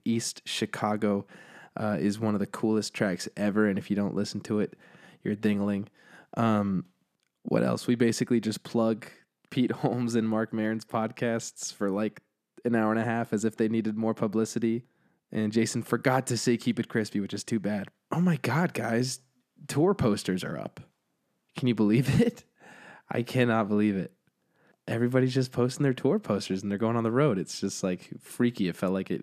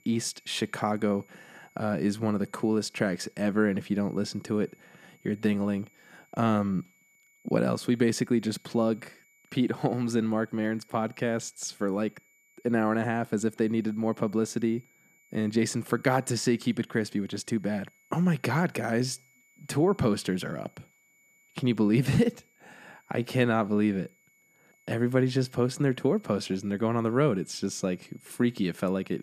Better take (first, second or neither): first